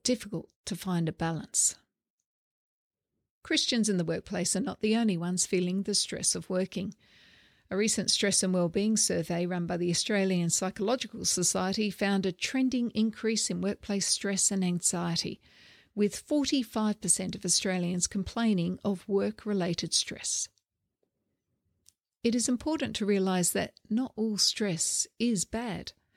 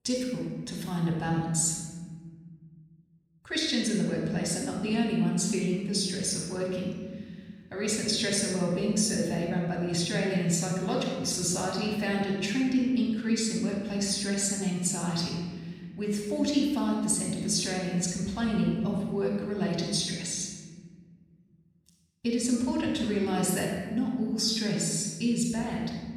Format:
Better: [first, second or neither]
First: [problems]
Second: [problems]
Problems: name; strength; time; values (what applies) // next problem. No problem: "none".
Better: first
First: none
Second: off-mic speech; far // room echo; noticeable; dies away in 1.8 s